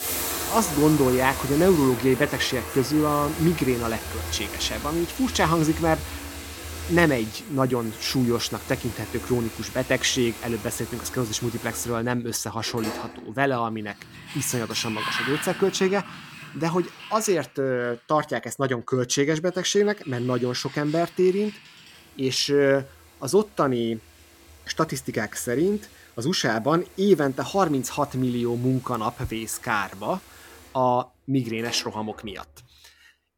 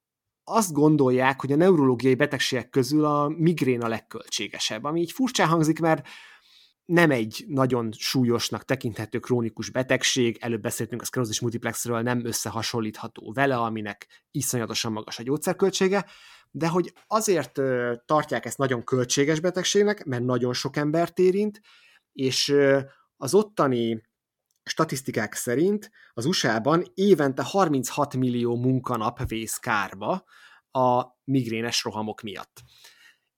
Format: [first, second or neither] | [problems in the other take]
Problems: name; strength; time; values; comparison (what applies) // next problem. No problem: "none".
second | household noises; loud; throughout; 9 dB below the speech